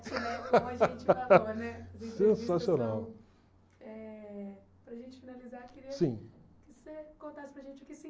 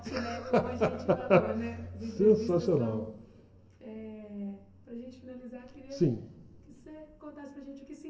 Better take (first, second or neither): first